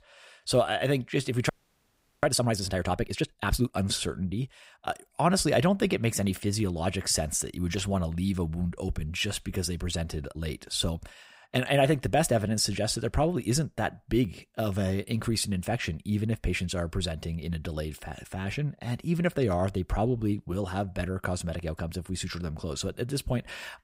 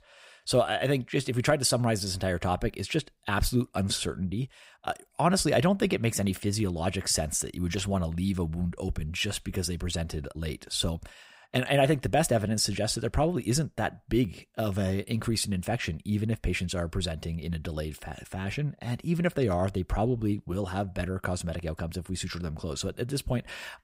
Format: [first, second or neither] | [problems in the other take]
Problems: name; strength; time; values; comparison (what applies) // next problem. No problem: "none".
second | audio freezing; at 1.5 s for 0.5 s